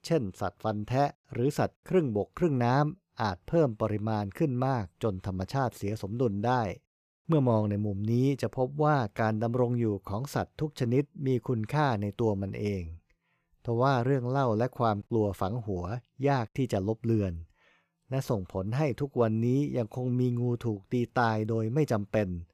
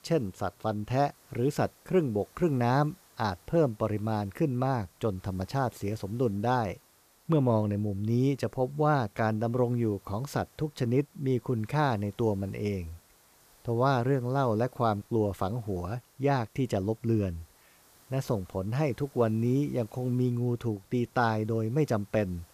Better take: first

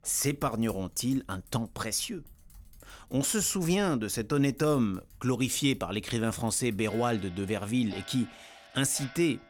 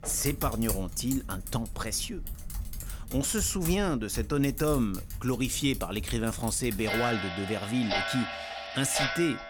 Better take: first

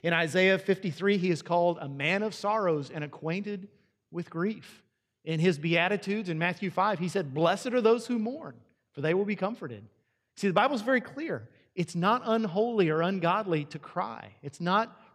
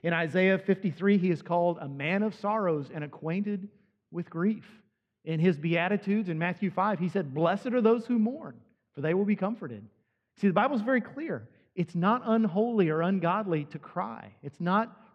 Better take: first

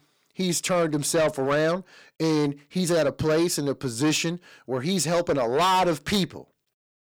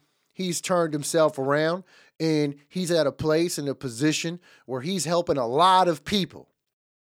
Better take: second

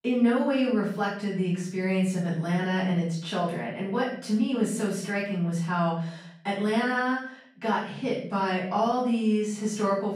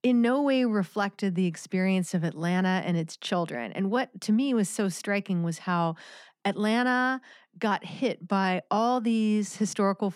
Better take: second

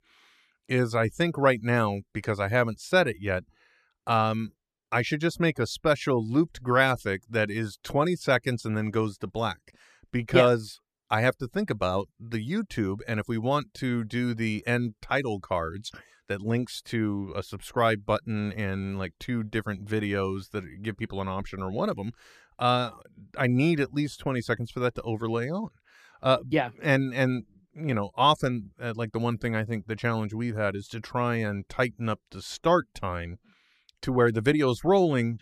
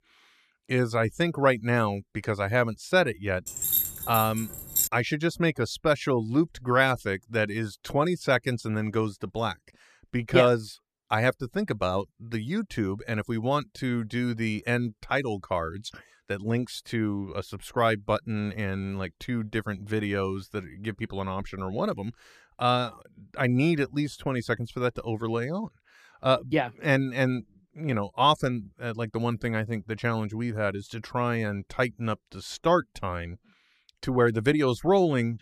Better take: first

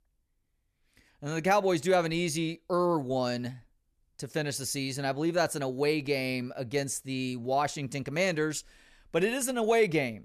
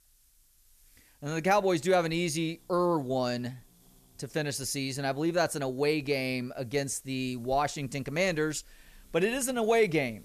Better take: first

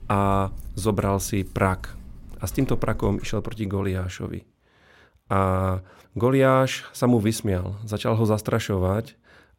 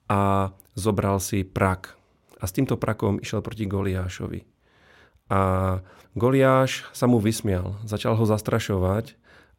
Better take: second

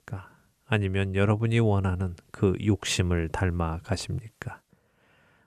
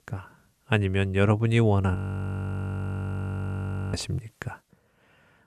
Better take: first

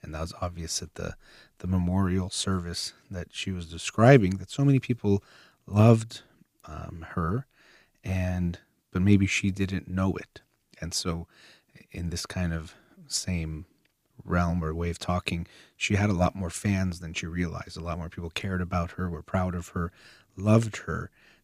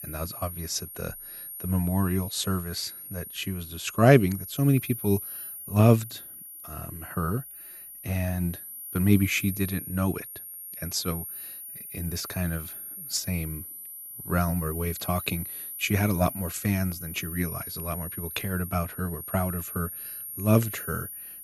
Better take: first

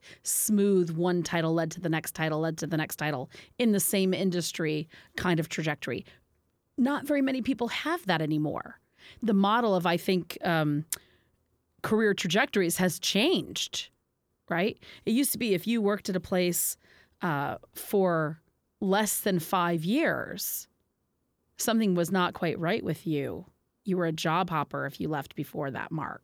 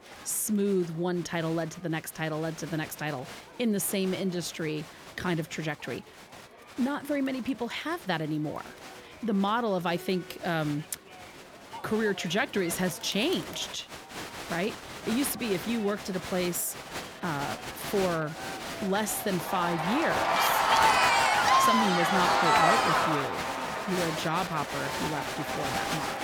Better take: first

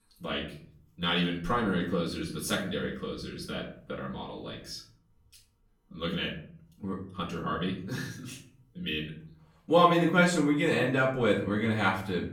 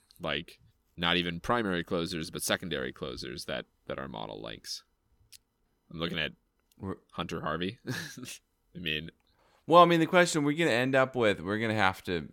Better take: second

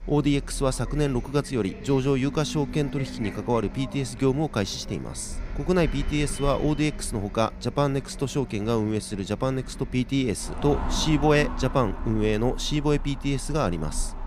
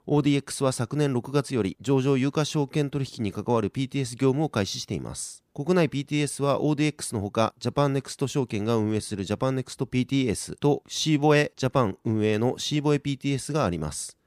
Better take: second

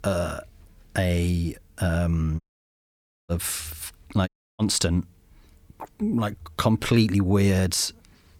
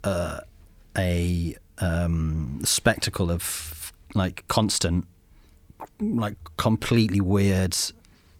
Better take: second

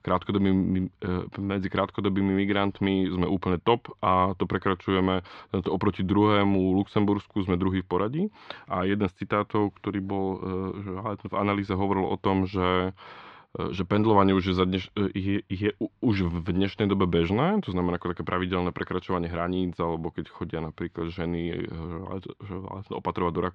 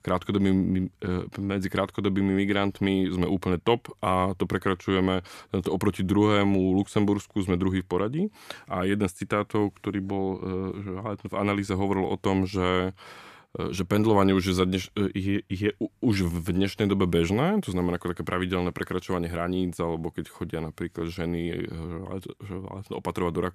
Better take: second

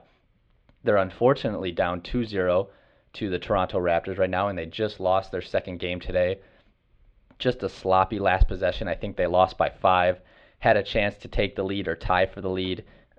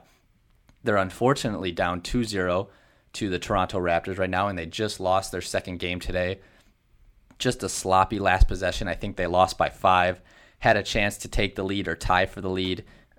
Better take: second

